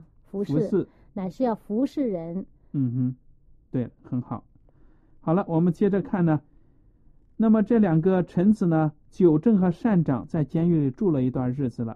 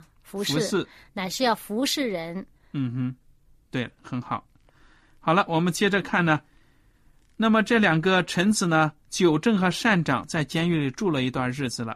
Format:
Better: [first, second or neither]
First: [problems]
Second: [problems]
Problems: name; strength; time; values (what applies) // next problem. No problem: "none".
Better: second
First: muffled; very; fading above 1 kHz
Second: none